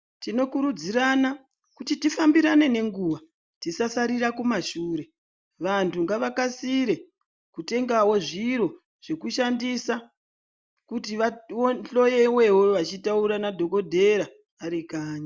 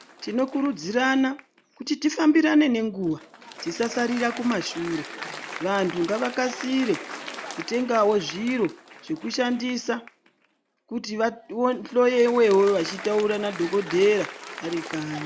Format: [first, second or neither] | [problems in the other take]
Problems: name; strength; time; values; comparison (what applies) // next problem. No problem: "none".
first | background sound (Applause); 15 dB below the speech